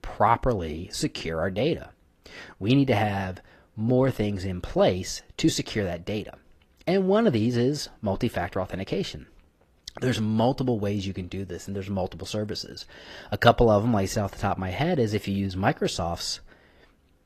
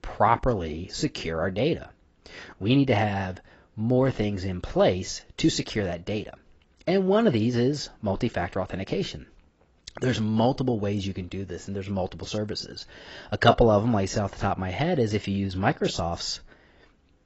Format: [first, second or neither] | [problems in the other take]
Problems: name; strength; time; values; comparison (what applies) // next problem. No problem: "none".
first | garbled, watery; badly; nothing above 7.5 kHz; slightly in the first